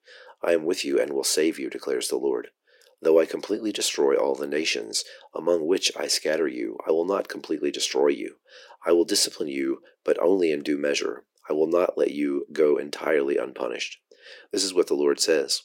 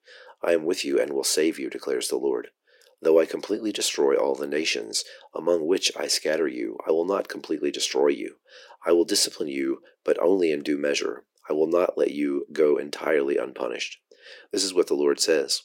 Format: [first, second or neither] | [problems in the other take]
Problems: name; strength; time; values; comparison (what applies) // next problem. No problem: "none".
neither | thin; very; fading below 350 Hz; the same in both